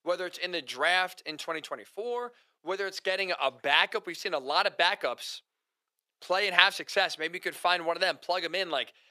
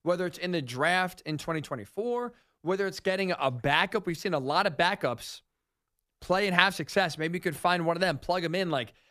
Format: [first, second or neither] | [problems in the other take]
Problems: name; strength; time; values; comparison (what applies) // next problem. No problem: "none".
second | thin; very; fading below 500 Hz